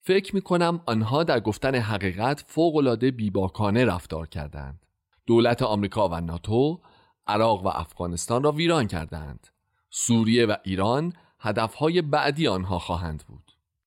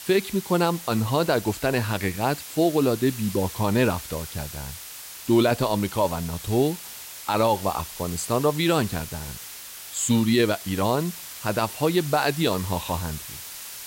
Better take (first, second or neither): first